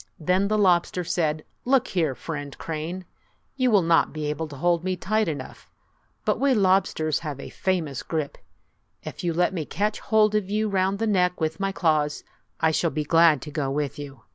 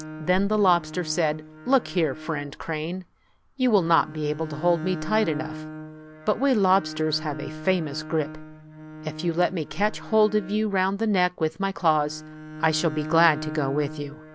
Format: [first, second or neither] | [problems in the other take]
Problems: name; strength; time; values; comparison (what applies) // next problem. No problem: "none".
first | background sound (Bowed string instrument); 13 dB below the speech